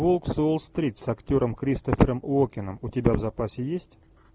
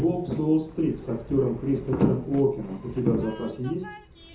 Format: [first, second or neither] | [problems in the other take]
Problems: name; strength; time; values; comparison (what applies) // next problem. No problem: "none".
first | background sound (Train); 18 dB below the speech // room echo; dies away in 0.5 s